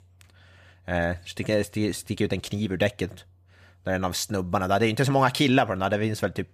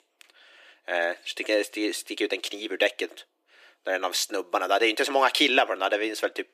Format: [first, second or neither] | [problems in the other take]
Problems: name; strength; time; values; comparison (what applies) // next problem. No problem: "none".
first | thin; somewhat; fading below 300 Hz